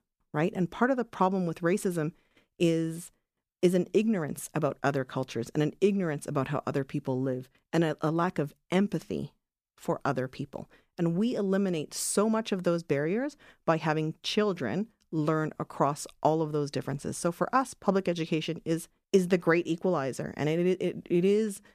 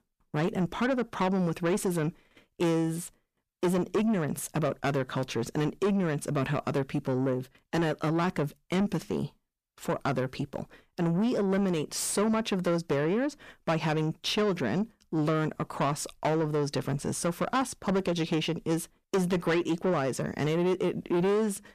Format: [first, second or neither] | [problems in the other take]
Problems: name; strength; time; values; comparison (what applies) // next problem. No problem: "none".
first | distortion; heavy; 8 dB below the speech